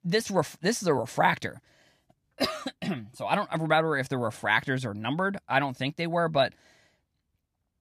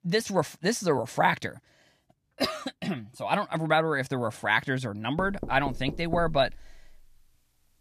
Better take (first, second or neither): first